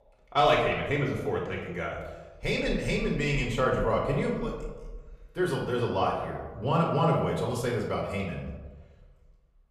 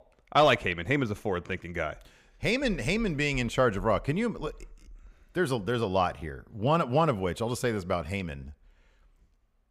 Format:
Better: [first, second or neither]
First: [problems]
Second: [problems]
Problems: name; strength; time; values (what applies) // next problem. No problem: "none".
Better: second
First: off-mic speech; far // room echo; noticeable; dies away in 1 s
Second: none